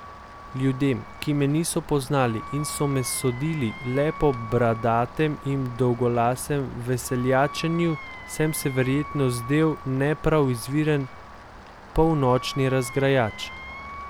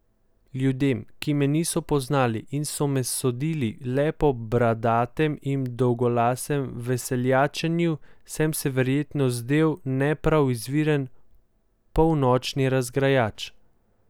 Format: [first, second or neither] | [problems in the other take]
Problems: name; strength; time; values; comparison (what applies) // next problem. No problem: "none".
second | background sound (Rain + Wind instrument, woodwind instrument); 15 dB below the speech